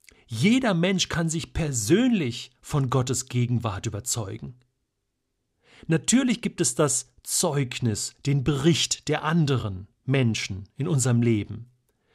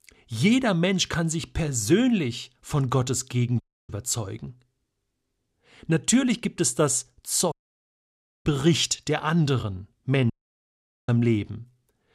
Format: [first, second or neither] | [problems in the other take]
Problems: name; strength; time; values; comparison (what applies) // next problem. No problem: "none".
first | audio cutting out; at 3.5 s, at 7.5 s for 1 s and at 10 s for 1 s